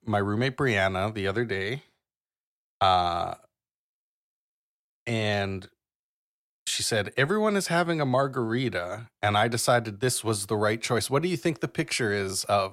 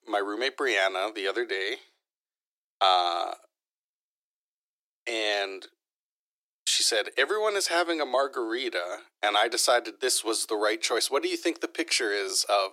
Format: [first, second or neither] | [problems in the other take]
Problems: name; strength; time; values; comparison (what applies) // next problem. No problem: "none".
first | thin; very; fading below 300 Hz